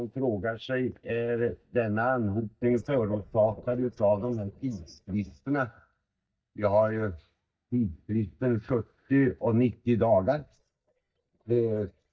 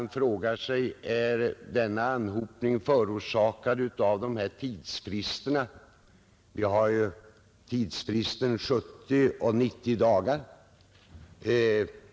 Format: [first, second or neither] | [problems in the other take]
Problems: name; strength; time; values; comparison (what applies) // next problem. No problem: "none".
second | noise reduction (neural mask model DeepFilterNet 3)